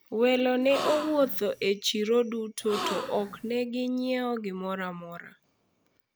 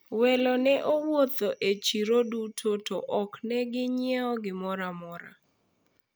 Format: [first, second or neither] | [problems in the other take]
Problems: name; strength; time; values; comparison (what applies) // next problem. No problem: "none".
second | background sound (Gasp); 8 dB below the speech